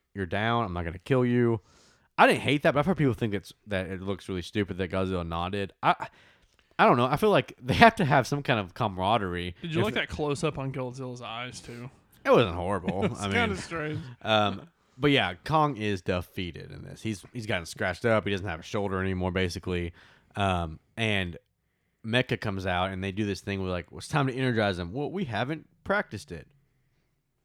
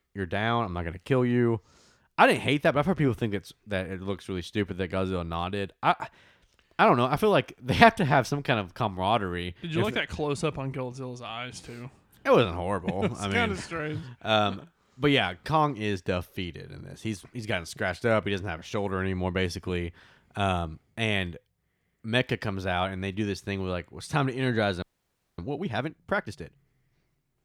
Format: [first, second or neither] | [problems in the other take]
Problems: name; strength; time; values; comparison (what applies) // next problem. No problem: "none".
first | audio freezing; at 25 s for 0.5 s